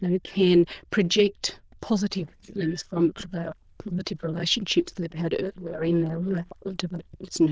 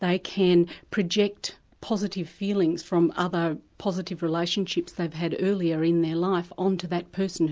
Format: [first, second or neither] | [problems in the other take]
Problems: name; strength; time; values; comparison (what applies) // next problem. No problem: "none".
second | noise reduction (neural diffusion model UNIVERSE++)